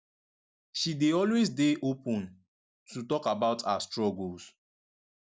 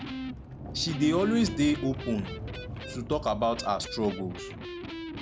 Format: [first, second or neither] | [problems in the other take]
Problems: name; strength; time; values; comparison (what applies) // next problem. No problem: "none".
first | background sound (Sliding door + Electric guitar); 7 dB below the speech